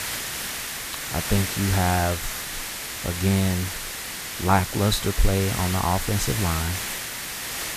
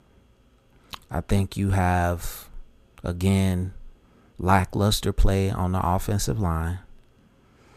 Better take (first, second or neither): second